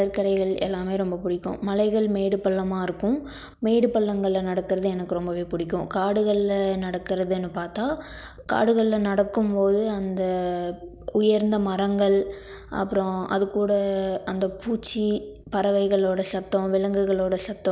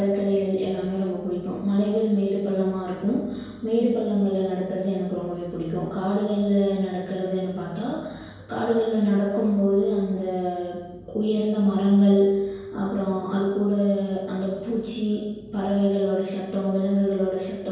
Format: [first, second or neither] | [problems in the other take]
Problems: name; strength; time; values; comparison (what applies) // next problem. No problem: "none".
first | room echo; dies away in 1 s